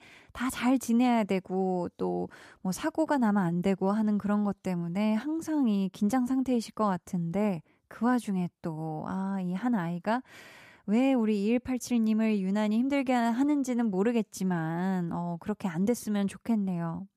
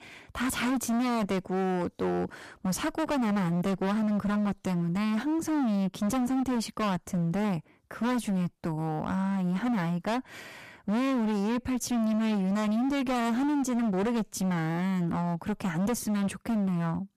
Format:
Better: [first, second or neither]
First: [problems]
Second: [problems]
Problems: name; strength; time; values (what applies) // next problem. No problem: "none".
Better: first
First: none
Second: distortion; heavy; 33% of the sound clipped